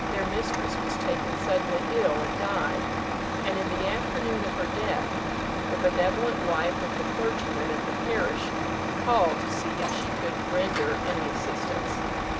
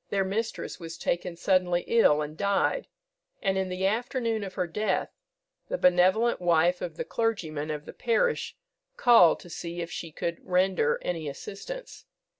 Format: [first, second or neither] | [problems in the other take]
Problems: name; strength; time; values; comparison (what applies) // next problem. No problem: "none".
second | background sound (Truck); 2 dB above the speech